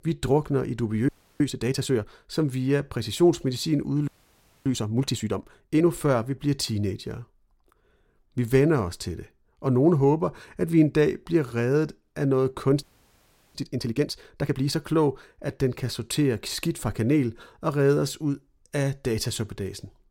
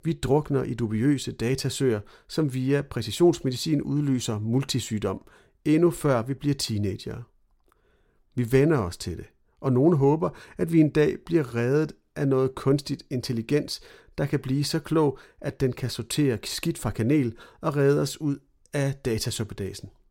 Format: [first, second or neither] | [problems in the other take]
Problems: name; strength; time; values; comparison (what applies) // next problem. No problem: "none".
second | audio freezing; at 1 s, at 4 s for 0.5 s and at 13 s for 0.5 s